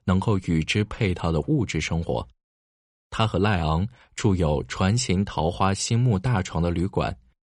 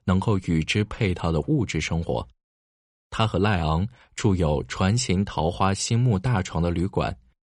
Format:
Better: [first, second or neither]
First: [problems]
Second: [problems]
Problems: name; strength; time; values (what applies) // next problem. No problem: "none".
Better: neither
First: none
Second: none